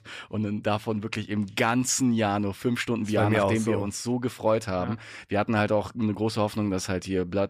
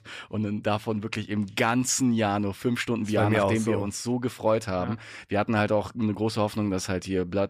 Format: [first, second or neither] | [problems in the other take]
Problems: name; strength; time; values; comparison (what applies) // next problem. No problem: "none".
neither | none